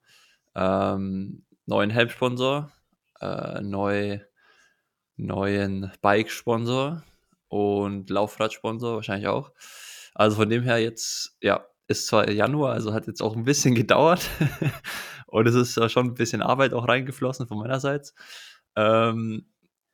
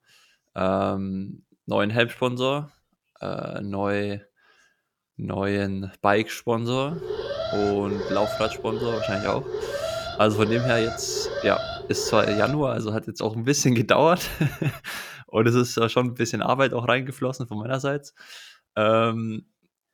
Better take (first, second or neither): first